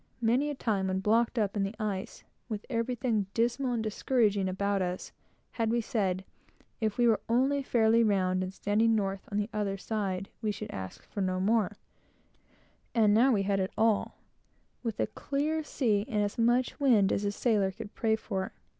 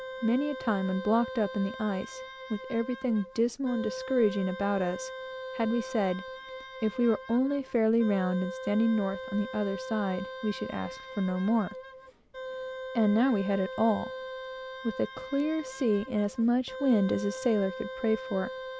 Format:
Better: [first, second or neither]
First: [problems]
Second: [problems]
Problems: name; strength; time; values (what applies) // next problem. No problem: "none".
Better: first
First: none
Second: background sound (Wind instrument, woodwind instrument); 11 dB below the speech